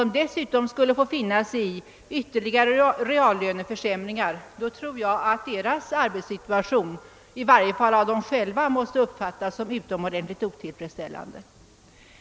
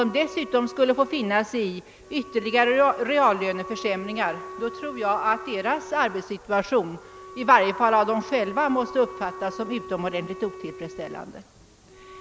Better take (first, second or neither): first